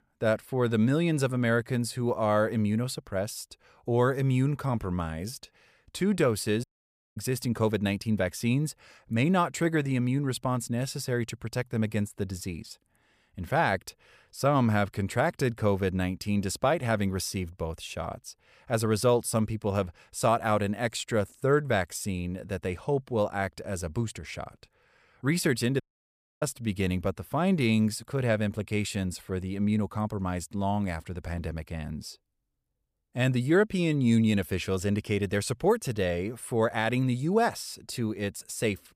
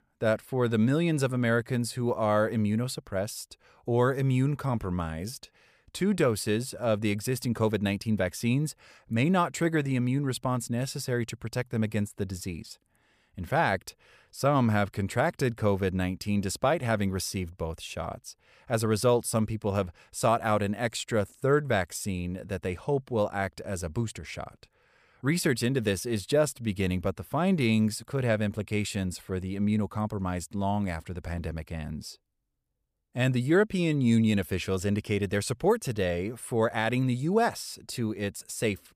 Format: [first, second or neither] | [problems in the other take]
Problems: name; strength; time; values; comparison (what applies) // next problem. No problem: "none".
second | audio cutting out; at 6.5 s for 0.5 s and at 26 s for 0.5 s